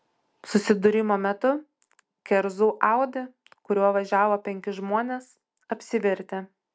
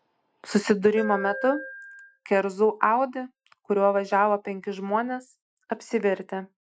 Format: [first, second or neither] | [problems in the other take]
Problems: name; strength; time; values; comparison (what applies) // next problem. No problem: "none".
first | noise reduction (classical method Wiener filter)